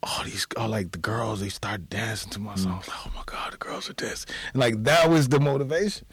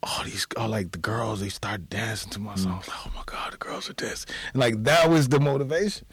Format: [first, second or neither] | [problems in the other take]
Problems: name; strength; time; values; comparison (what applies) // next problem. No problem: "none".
neither | distortion; heavy; 4% of the sound clipped; the same in both